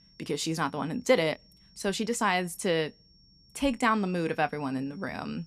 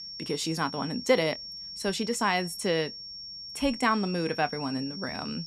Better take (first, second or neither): first